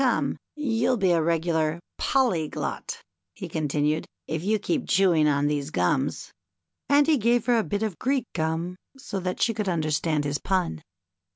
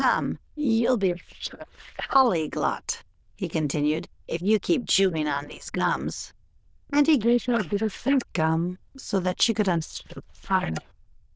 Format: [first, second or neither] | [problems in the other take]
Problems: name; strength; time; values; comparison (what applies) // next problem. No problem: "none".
first | noise reduction (neural diffusion model UNIVERSE++)